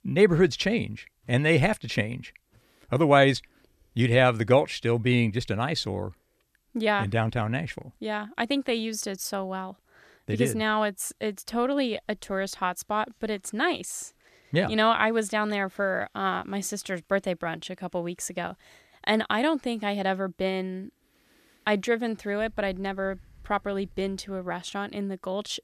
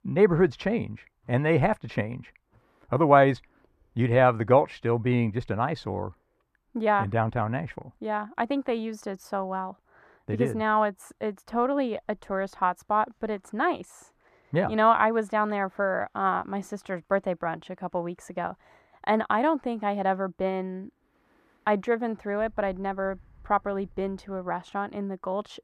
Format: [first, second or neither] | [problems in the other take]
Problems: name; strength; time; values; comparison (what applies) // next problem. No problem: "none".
first | muffled; very; fading above 2.5 kHz